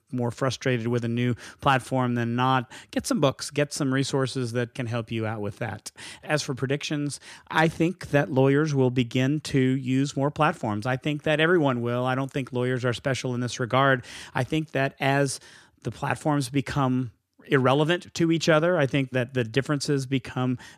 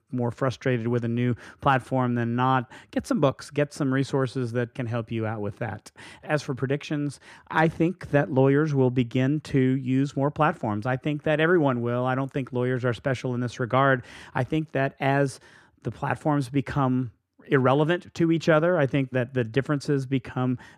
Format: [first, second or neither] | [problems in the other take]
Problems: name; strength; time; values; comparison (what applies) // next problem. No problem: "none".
first | muffled; slightly; fading above 2.5 kHz